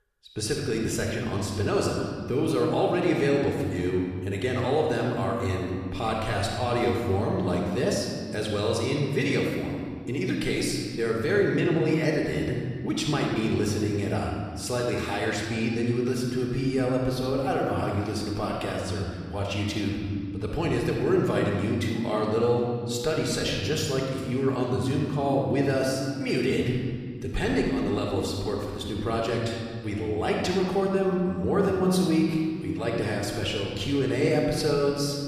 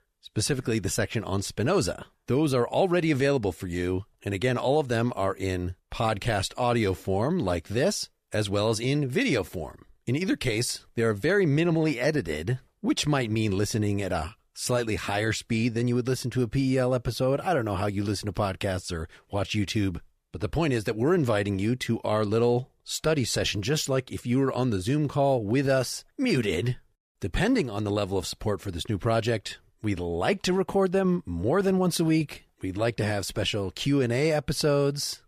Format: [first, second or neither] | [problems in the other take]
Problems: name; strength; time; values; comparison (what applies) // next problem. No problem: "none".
second | room echo; noticeable; dies away in 1.8 s // off-mic speech; somewhat distant